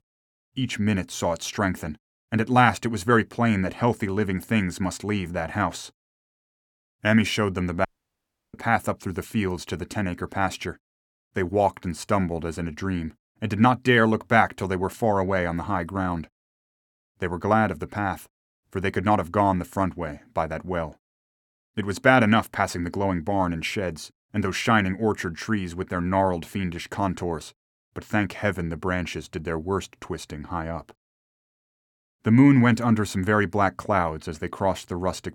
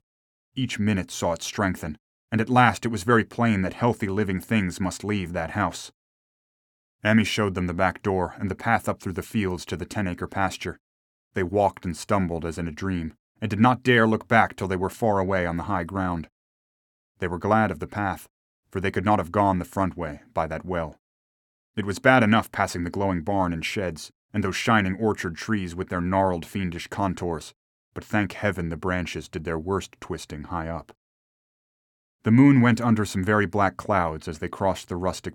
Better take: second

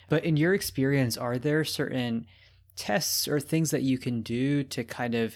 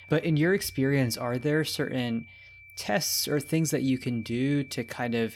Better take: first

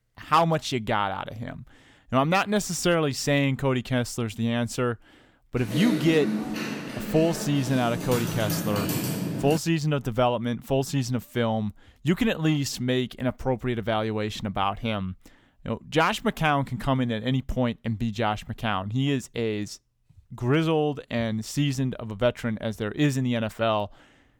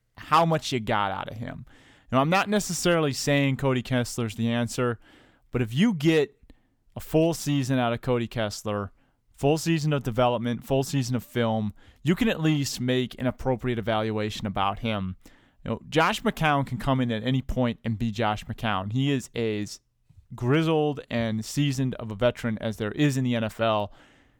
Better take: second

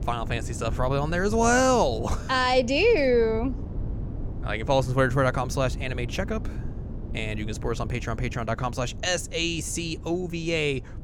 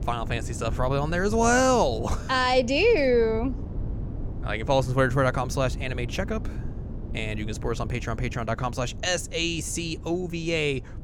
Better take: neither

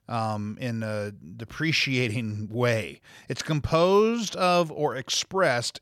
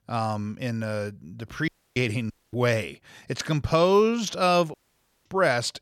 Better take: first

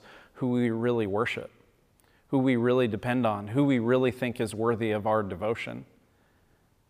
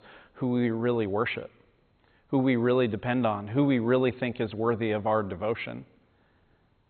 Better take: first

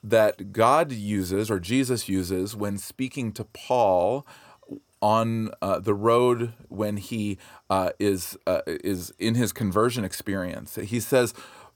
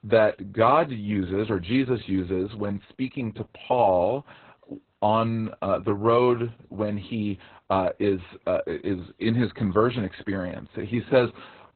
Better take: first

